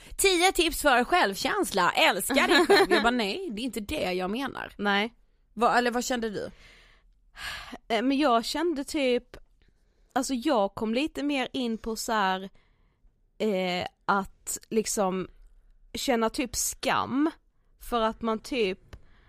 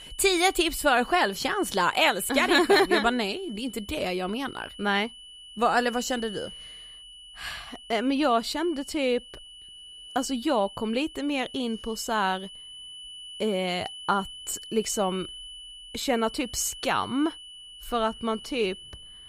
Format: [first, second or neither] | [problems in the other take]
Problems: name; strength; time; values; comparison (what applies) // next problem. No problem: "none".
first | high-pitched whine; noticeable; throughout; 3 kHz, 15 dB below the speech